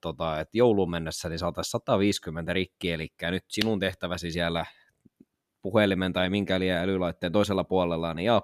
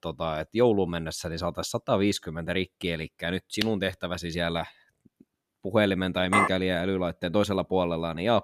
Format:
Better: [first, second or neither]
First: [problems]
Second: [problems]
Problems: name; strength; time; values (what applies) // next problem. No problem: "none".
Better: first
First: none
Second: clattering dishes; loud; at 6.5 s; peak 3 dB above the speech